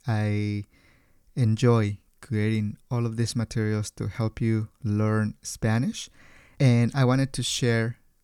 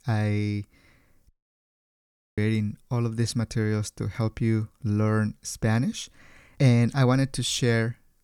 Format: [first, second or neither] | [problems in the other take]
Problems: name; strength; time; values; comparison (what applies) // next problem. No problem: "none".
first | audio cutting out; at 1.5 s for 1 s